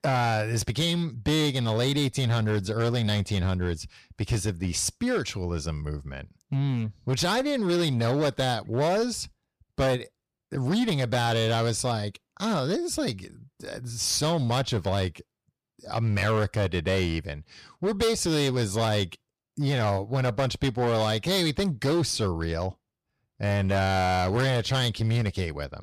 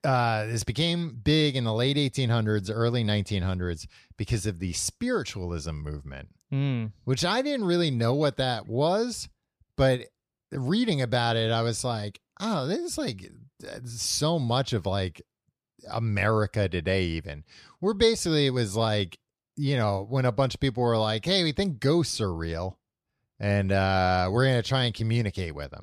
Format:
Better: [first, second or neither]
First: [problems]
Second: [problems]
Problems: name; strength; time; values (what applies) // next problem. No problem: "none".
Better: second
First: distortion; slight; 12% of the sound clipped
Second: none